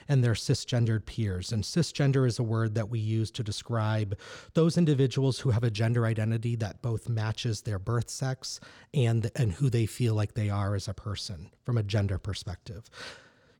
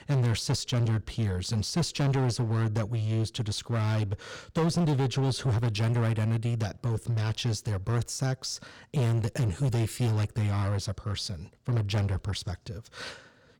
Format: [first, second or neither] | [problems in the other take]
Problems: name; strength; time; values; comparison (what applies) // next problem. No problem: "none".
first | distortion; slight; 16% of the sound clipped